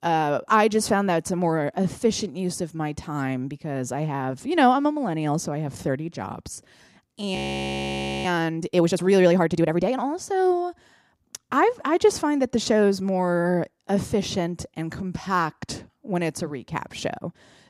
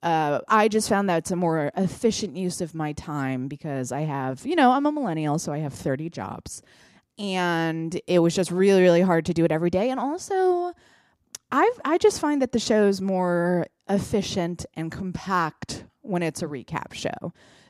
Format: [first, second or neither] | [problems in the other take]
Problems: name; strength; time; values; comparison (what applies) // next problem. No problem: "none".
second | audio freezing; at 7.5 s for 1 s